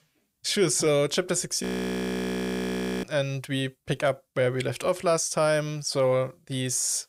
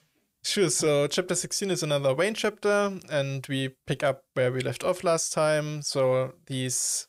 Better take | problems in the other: second | audio freezing; at 1.5 s for 1.5 s

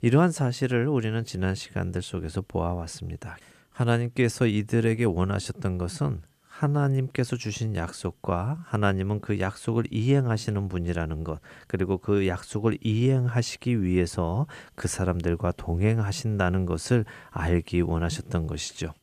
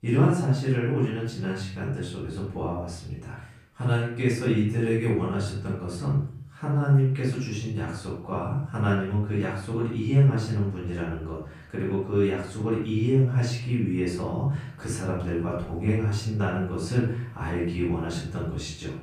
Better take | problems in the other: first | off-mic speech; far // room echo; noticeable; dies away in 0.5 s

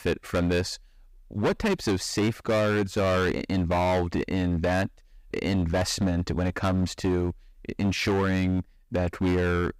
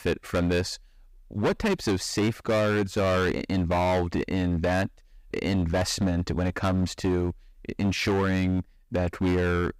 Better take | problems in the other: neither | distortion; heavy; 15% of the sound clipped; the same in both

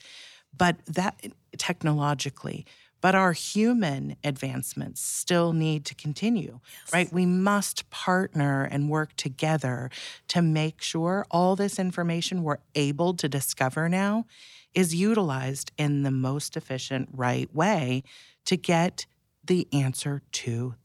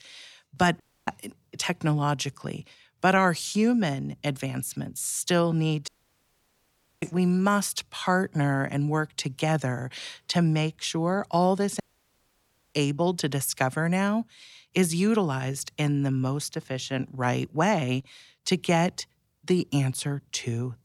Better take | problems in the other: first | audio cutting out; at 1 s, at 6 s for 1 s and at 12 s for 1 s

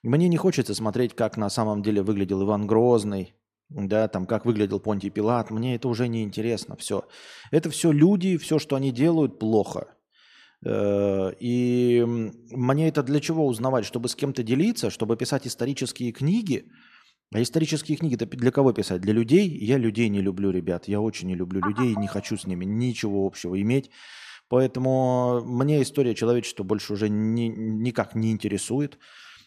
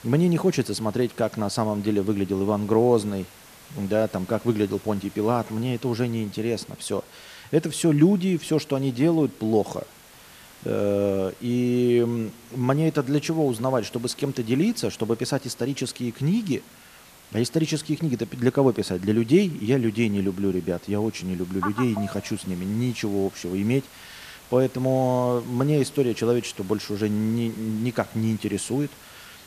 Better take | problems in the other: first | hiss; faint; throughout; 20 dB below the speech

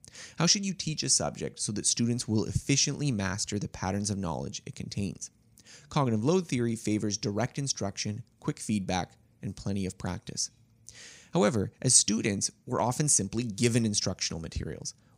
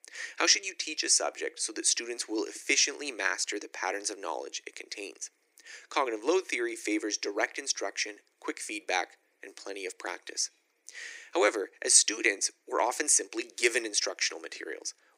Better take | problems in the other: first | thin; very; fading below 300 Hz

